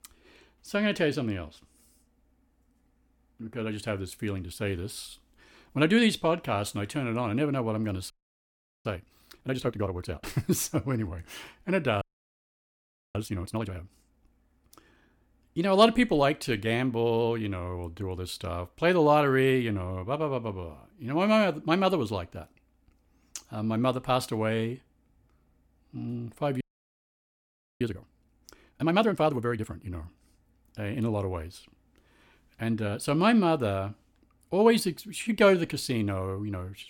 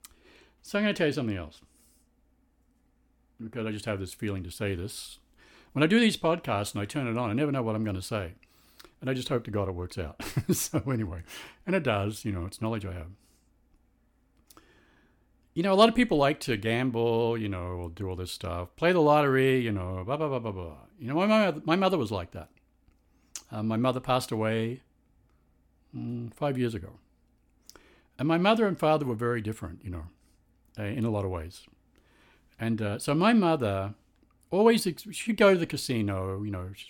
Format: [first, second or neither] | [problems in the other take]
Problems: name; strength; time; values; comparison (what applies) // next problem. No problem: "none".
second | audio freezing; at 8 s for 1 s, at 12 s for 1 s and at 27 s for 1 s